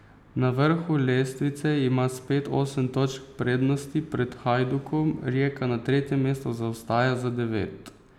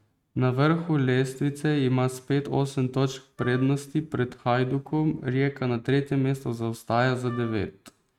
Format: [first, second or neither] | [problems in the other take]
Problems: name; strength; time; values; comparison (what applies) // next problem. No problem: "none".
first | noise reduction (neural mask model RNNoise)